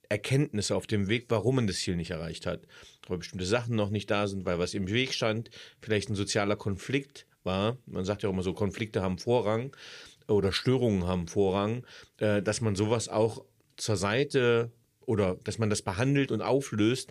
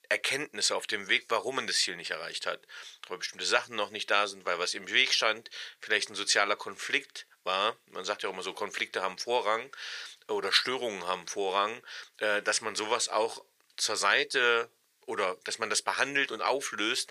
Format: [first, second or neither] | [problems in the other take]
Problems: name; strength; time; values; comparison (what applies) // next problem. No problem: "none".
first | thin; very; fading below 750 Hz